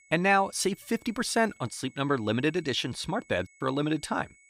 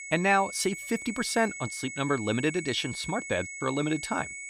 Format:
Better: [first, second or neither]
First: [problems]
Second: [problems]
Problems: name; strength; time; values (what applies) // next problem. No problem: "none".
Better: first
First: high-pitched whine; faint; throughout; 2 kHz, 30 dB below the speech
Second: high-pitched whine; loud; throughout; 2 kHz, 9 dB below the speech